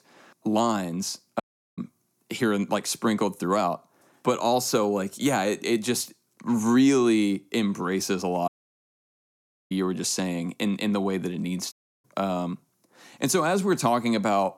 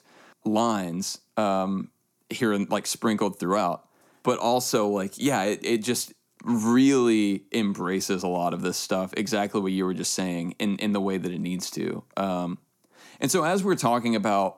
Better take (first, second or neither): second